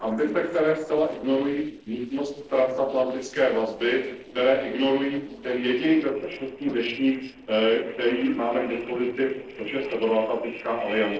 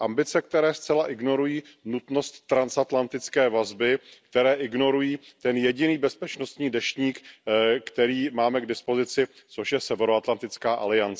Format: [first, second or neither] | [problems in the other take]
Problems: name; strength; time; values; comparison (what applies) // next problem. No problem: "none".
second | noise reduction (neural separator model SepFormer DNS4)